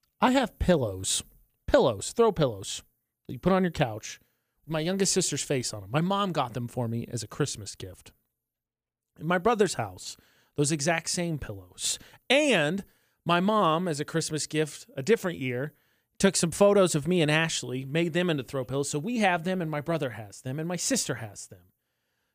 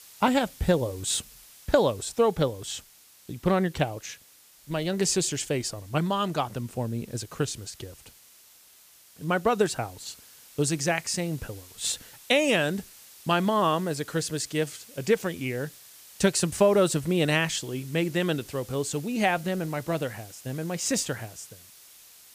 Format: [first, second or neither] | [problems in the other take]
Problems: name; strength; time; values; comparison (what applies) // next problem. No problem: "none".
first | hiss; faint; throughout; 20 dB below the speech